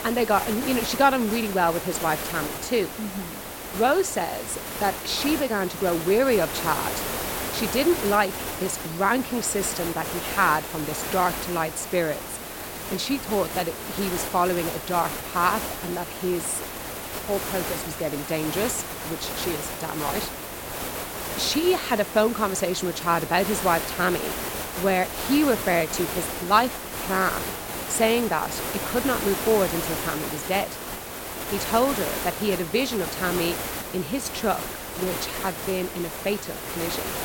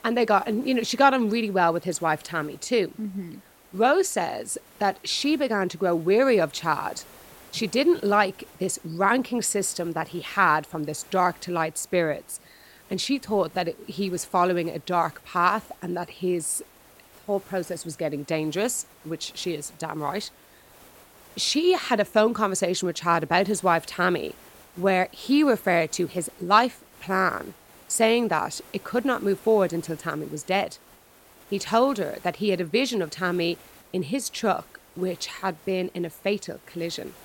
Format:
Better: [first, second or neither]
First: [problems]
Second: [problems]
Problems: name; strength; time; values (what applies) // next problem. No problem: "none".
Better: second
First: hiss; loud; throughout; 5 dB below the speech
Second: hiss; faint; throughout; 25 dB below the speech